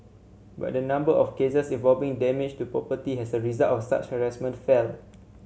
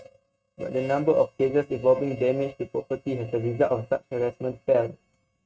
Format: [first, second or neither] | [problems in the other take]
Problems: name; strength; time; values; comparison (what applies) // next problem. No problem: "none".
first | noise reduction (neural mask model RNNoise)